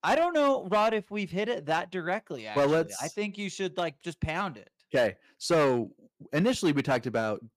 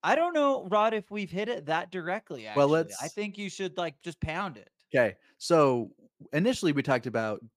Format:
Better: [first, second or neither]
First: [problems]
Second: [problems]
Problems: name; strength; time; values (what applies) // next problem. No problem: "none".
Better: second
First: distortion; slight; 5% of the sound clipped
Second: none